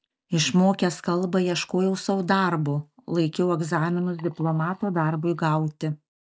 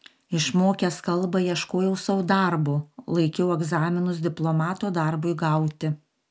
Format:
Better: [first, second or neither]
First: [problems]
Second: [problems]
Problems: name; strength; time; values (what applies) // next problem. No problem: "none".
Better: second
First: noise reduction (neural mask model DeepFilterNet 3)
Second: none